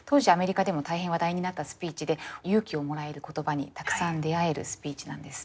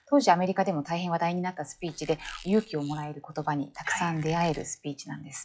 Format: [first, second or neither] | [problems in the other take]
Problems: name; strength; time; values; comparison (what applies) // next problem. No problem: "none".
first | noise reduction (classical method log-MMSE)